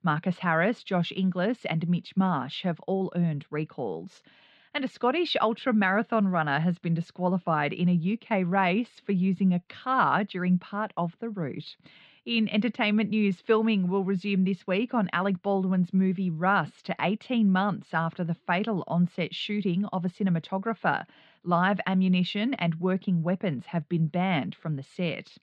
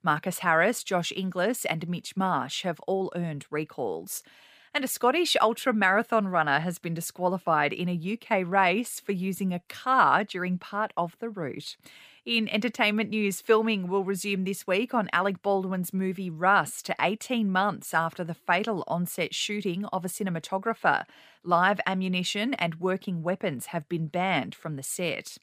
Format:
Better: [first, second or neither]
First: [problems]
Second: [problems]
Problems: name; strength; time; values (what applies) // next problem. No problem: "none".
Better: second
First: muffled; very slightly; fading above 4 kHz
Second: none